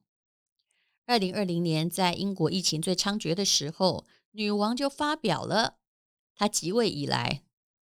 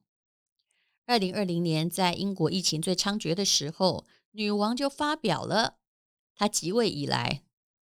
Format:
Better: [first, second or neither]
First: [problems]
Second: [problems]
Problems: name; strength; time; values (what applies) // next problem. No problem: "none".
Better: neither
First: none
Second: none